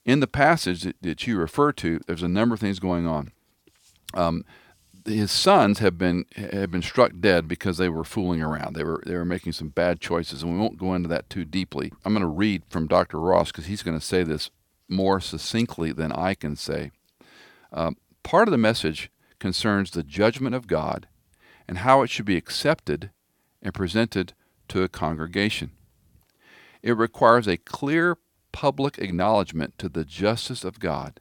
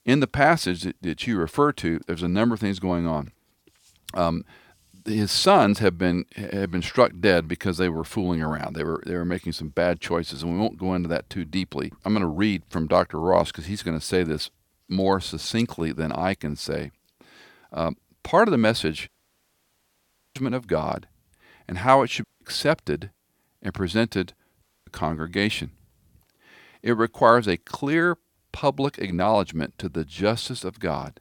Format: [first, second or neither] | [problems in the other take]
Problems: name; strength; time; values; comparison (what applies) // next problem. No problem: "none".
first | audio cutting out; at 19 s for 1.5 s, at 22 s and at 25 s